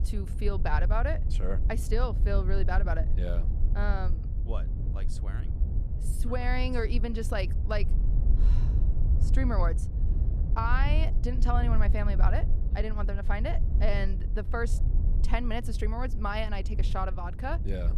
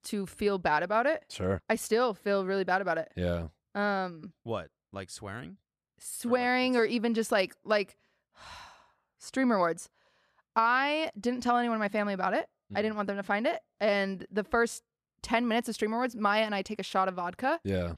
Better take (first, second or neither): second